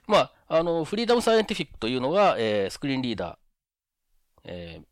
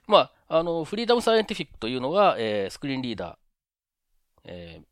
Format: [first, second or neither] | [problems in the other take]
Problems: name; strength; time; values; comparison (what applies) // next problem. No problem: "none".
second | distortion; slight; 10 dB below the speech